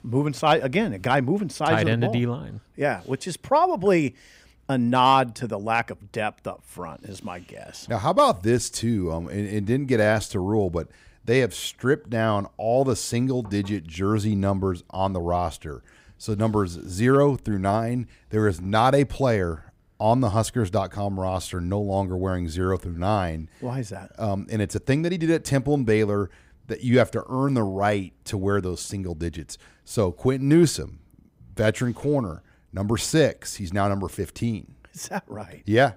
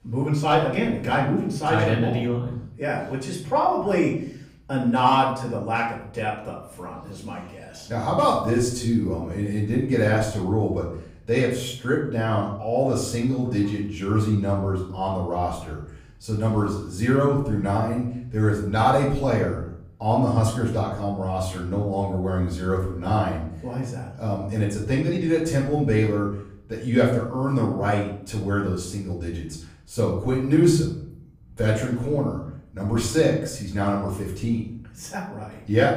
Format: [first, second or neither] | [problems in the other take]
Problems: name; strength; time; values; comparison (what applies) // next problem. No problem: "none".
first | off-mic speech; far // room echo; noticeable; dies away in 0.6 s